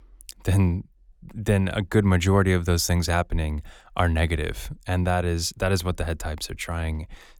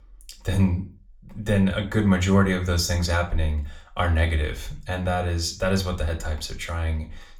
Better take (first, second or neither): first